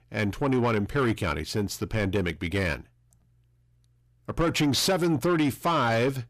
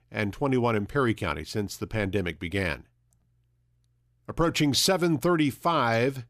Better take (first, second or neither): second